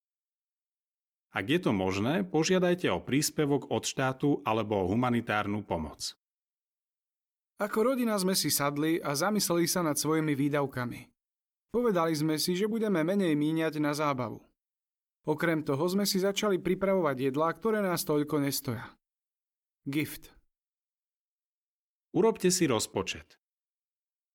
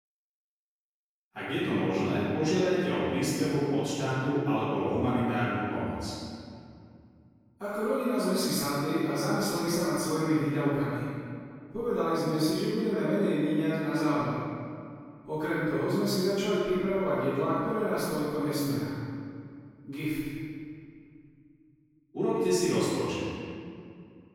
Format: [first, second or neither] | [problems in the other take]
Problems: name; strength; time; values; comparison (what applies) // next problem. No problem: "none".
first | off-mic speech; far // room echo; strong; dies away in 2.2 s